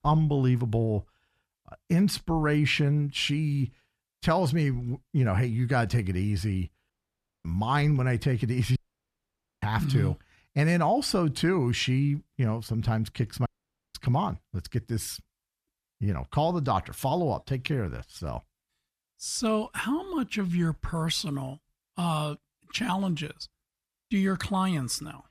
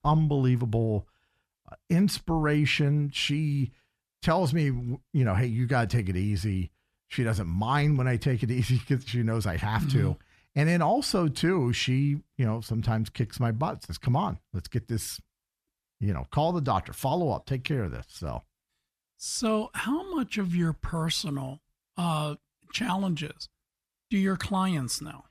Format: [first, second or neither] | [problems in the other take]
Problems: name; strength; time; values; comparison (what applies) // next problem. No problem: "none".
second | audio cutting out; at 7 s for 0.5 s, at 9 s for 1 s and at 13 s